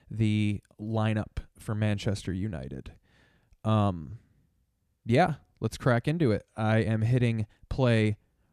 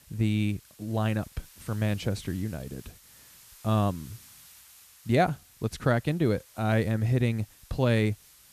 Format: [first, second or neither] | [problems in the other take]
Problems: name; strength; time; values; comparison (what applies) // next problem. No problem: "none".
first | hiss; faint; throughout; 25 dB below the speech